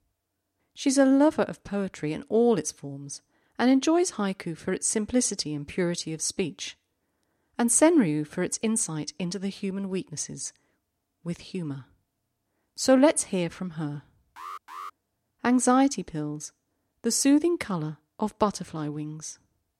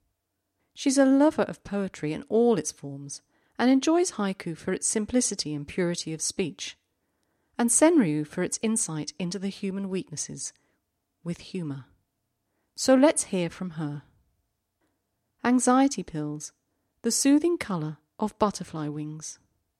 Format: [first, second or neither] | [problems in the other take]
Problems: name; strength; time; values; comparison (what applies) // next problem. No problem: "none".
second | alarm; faint; at 14 s; peak 15 dB below the speech